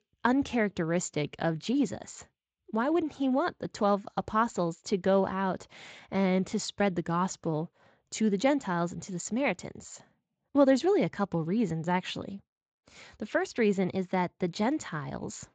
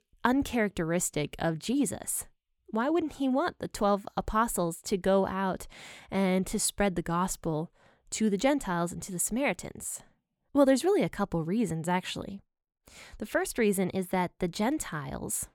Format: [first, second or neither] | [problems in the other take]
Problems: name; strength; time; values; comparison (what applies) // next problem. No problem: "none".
second | garbled, watery; slightly; nothing above 7.5 kHz